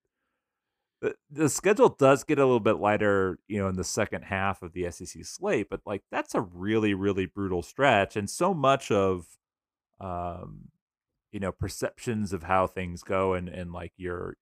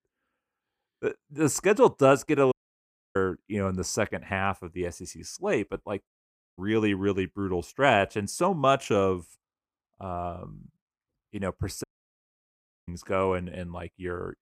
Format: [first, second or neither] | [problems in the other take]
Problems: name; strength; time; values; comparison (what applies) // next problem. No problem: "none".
first | audio cutting out; at 2.5 s for 0.5 s, at 6 s and at 12 s for 1 s